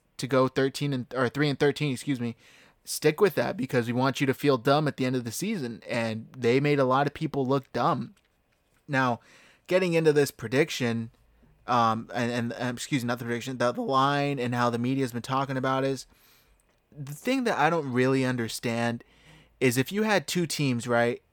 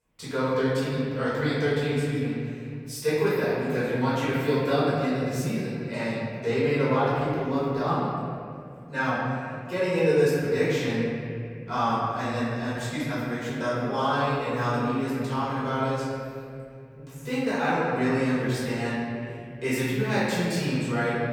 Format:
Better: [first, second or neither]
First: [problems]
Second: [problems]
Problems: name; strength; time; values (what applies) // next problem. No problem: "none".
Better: first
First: none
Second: off-mic speech; far // room echo; strong; dies away in 2.7 s